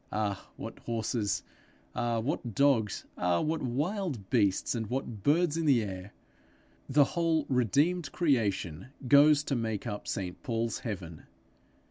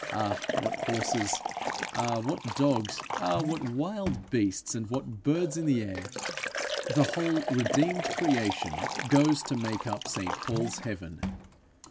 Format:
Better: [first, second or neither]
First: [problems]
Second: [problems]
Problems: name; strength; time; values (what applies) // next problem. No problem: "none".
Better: first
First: none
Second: background sound (Liquid); 5 dB below the speech